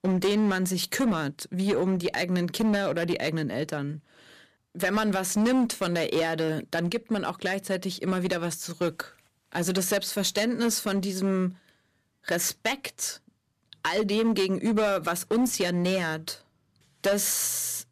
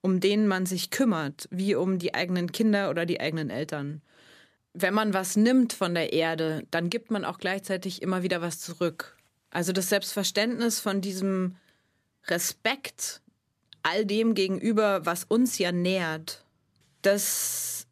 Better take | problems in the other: second | distortion; slight; 8% of the sound clipped

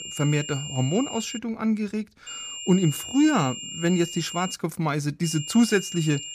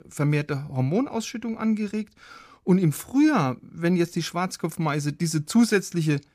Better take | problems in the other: second | high-pitched whine; loud; until 1.5 s, from 2.5 to 4.5 s and from 5 s on; 3 kHz, 9 dB below the speech

